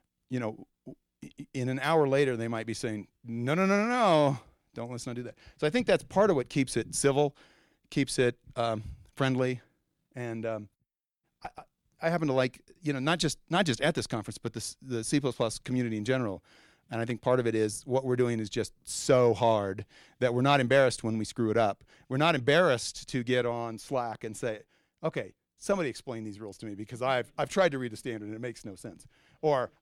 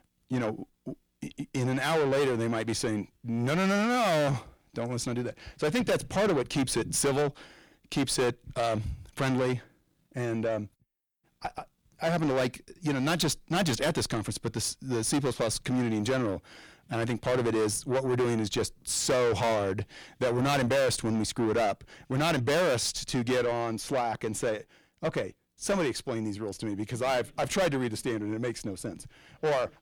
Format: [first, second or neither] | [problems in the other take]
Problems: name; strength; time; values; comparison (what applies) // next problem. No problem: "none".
first | distortion; heavy; 5 dB below the speech